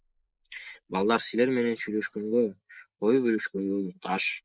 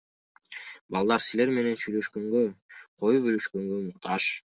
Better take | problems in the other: second | noise reduction (neural mask model Resemble Enhance denoiser)

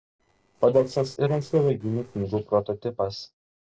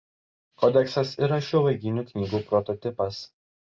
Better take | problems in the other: second | noise reduction (neural separator model SepFormer DNS4)

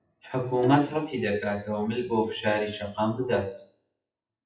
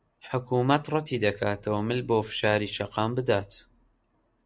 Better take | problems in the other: second | noise reduction (classical method WPE with log-MMSE)

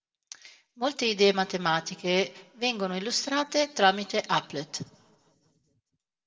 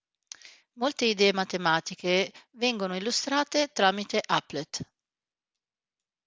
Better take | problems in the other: second | noise reduction (neural separator model SepFormer DNS4)

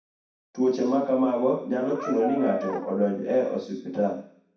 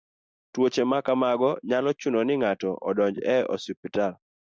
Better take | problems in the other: second | background sound (Brass instrument); 9 dB below the speech // room echo; dies away in 0.6 s

